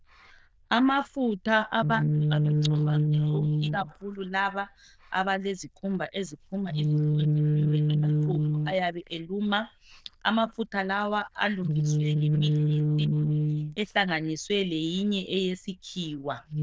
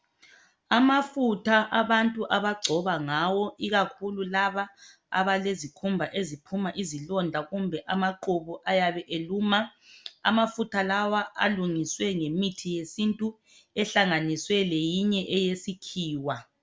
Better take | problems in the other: second | noise reduction (neural diffusion model UNIVERSE++)

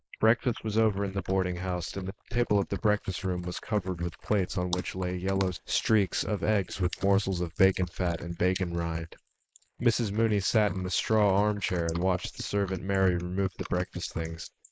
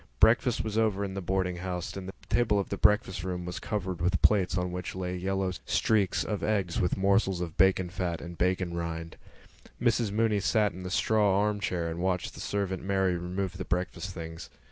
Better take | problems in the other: second | noise reduction (neural mask model Resemble Enhance denoiser)

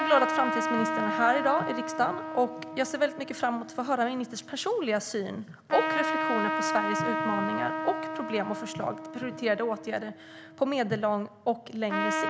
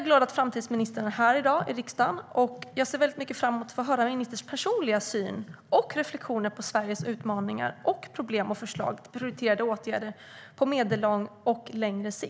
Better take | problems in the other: second | background sound (Trumpet); 3 dB below the speech

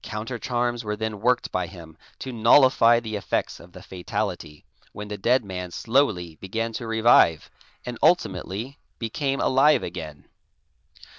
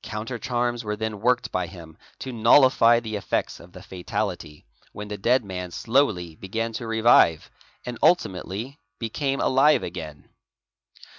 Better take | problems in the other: second | noise reduction (neural diffusion model UNIVERSE++)

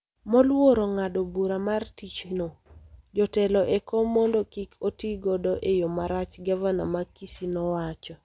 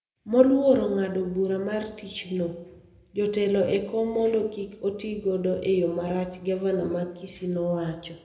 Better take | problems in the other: first | room echo; dies away in 0.7 s

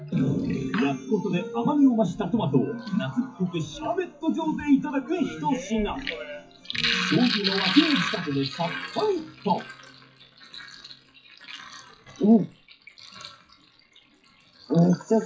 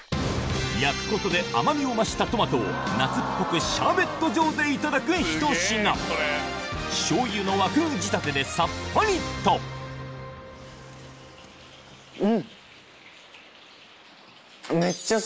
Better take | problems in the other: second | noise reduction (classical method WPE with log-MMSE)

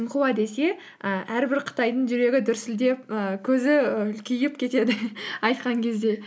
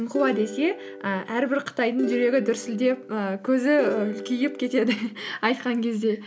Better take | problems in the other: first | background sound (Plucked string instrument); 11 dB below the speech

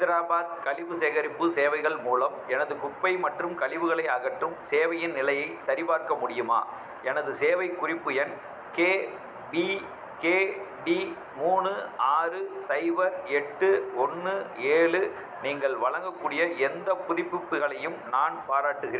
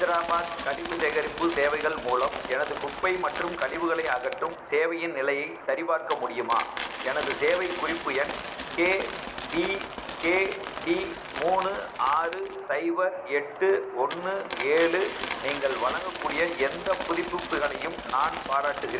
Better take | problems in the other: first | background sound (Coin (dropping)); 10 dB below the speech

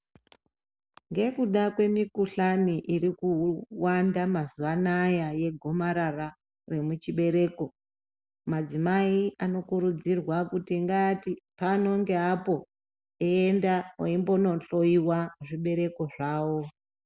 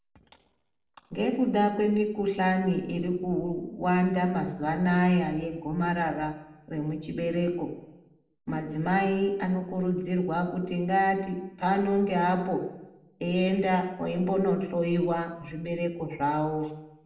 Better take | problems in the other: first | room echo; dies away in 0.7 s

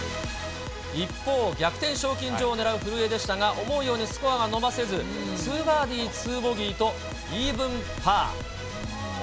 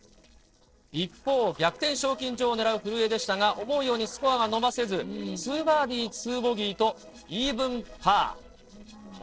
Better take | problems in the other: first | noise reduction (neural separator model SepFormer DNS4)

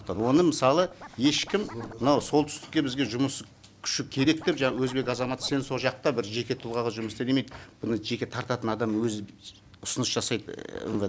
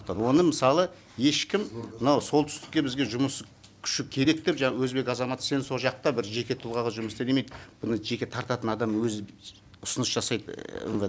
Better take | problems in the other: second | background sound (Scratching (performance technique)); 18 dB below the speech

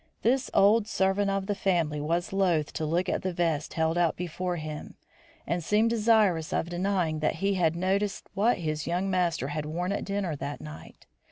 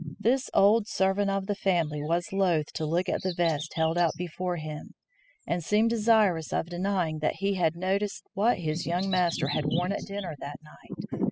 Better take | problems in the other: first | noise reduction (classical method spectral subtraction)

